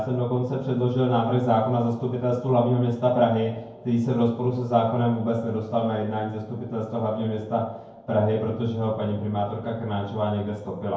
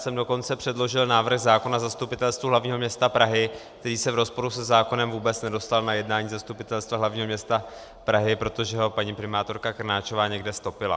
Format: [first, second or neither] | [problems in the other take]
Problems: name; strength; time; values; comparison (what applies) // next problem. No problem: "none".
second | room echo; dies away in 0.9 s